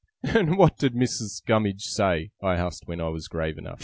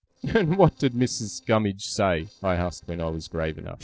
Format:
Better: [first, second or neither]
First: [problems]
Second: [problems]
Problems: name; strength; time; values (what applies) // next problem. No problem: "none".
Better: first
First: none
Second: noise reduction (neural separator model SepFormer DNS4)